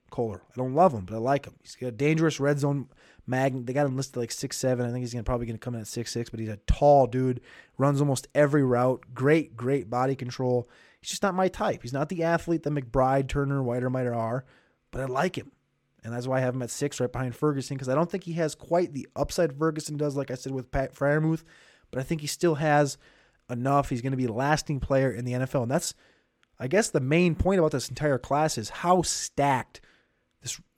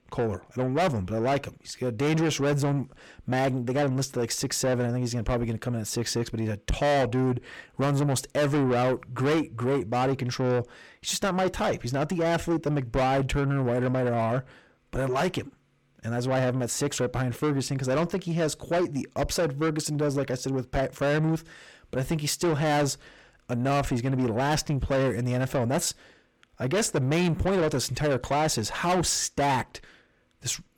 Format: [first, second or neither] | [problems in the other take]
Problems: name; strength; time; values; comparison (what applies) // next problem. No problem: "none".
first | distortion; heavy; 7 dB below the speech